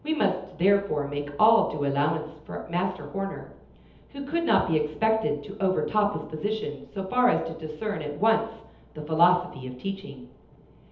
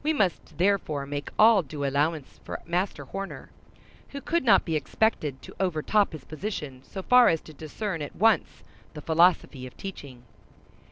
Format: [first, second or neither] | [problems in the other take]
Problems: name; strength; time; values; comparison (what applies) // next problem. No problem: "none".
second | room echo; dies away in 0.8 s